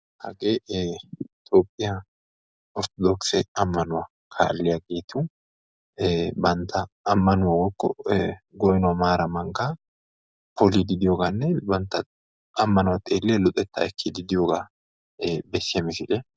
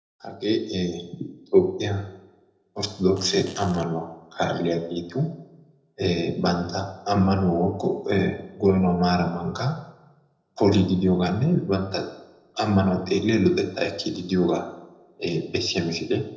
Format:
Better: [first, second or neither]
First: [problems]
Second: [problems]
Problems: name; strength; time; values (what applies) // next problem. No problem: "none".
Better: first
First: none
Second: noise reduction (neural separator model SepFormer DNS4)